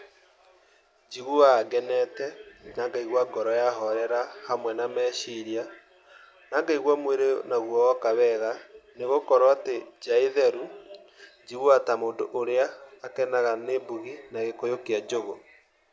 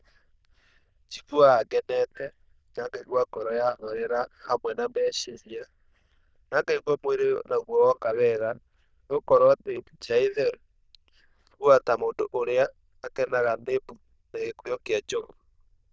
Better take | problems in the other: first | noise reduction (neural diffusion model UNIVERSE++)

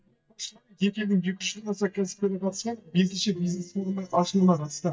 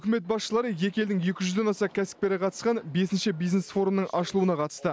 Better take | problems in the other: second | noise reduction (neural mask model DeepFilterNet 3)

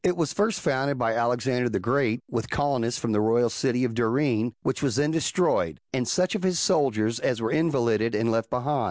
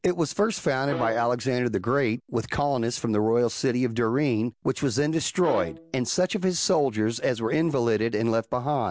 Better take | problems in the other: first | background sound (Bowed string instrument); 14 dB below the speech

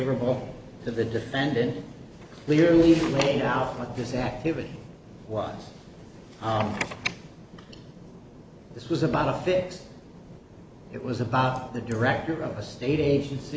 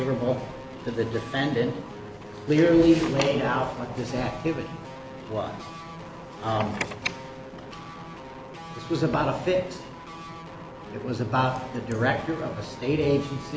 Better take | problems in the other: first | background sound (Guitar); 14 dB below the speech

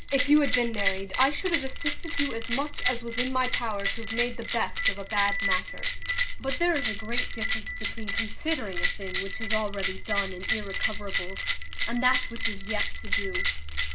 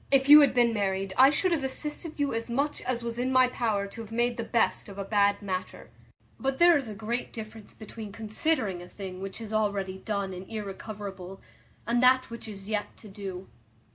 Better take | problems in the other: second | background sound (Bell); 3 dB above the speech

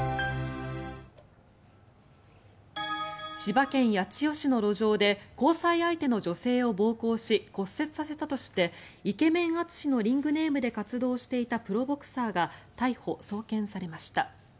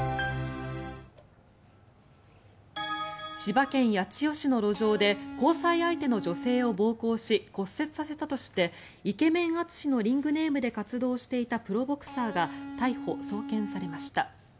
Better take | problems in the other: first | background sound (Electric guitar); 9 dB below the speech

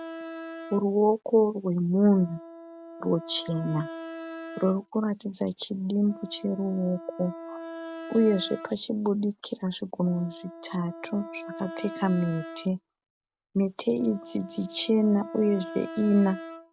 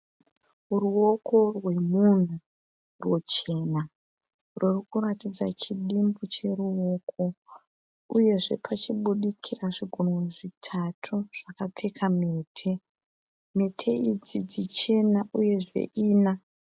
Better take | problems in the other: second | background sound (Wind instrument, woodwind instrument); 14 dB below the speech

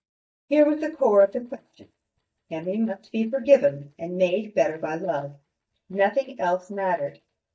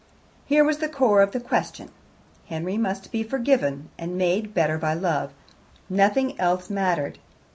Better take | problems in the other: second | noise reduction (neural mask model DeepFilterNet 3)

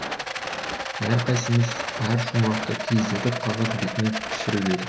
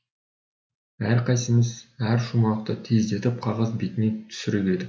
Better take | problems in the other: second | background sound (Rattle); 5 dB below the speech

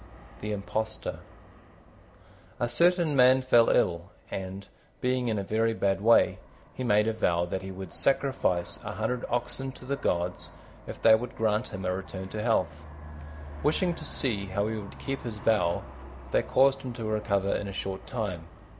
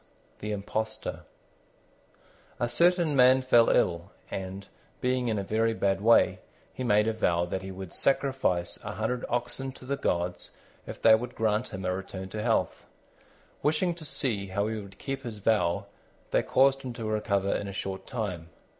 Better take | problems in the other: second | background sound (Aircraft); 18 dB below the speech

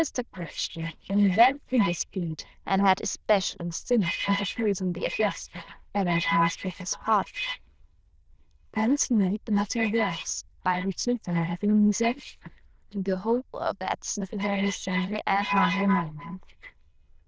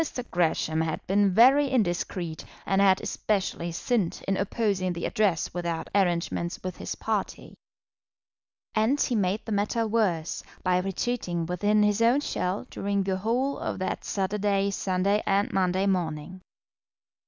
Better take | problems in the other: second | noise reduction (neural diffusion model UNIVERSE++)

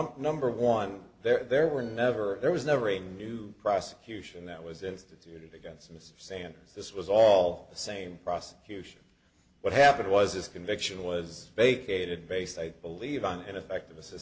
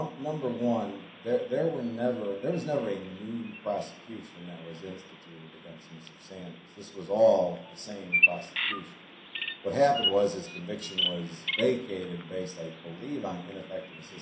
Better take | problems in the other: first | background sound (Bird vocalization, bird call, bird song); 5 dB below the speech // room echo; dies away in 0.5 s

